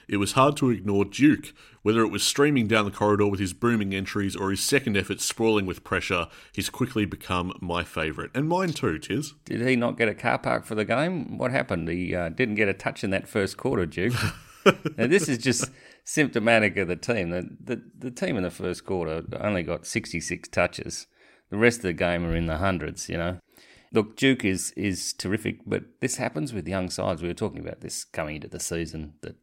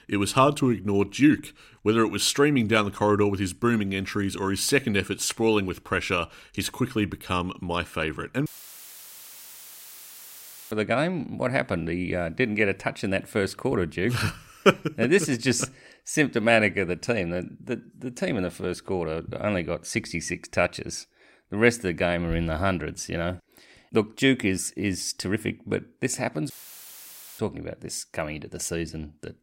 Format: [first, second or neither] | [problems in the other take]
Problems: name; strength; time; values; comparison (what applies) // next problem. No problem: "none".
first | audio cutting out; filled with static; at 8.5 s for 2.5 s and at 27 s for 1 s